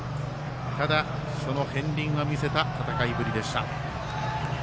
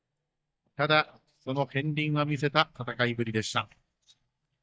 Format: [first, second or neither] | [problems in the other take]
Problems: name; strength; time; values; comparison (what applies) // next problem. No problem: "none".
first | noise reduction (neural mask model DeepFilterNet 3)